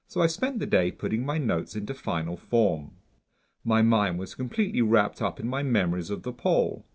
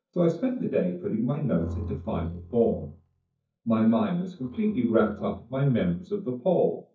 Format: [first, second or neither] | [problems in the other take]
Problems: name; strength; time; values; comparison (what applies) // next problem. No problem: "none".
first | noise reduction (neural mask model DeepFilterNet 3)